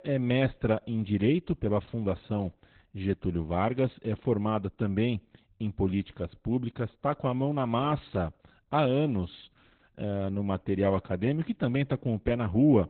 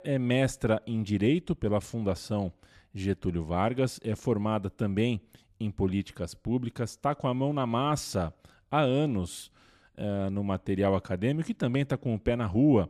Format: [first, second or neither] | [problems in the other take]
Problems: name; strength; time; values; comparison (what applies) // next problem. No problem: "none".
second | garbled, watery; badly; nothing above 3.5 kHz